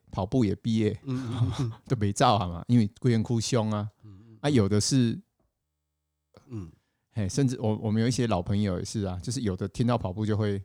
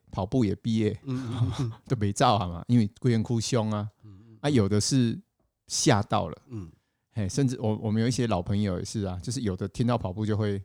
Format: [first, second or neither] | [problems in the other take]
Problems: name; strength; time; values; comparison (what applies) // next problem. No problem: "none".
second | audio freezing; at 5.5 s for 0.5 s